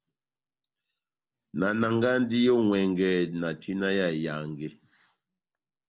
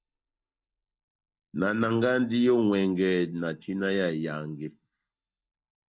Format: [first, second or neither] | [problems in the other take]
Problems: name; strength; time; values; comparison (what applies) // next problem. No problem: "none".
first | noise reduction (neural mask model DeepFilterNet 3)